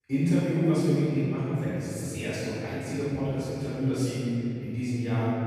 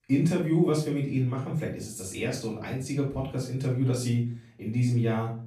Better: second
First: room echo; strong; dies away in 2.7 s // off-mic speech; far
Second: room echo; slight; dies away in 0.4 s // off-mic speech; far

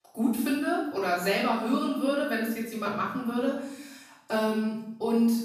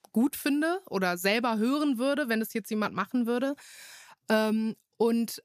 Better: second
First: off-mic speech; far // room echo; noticeable; dies away in 0.8 s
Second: none

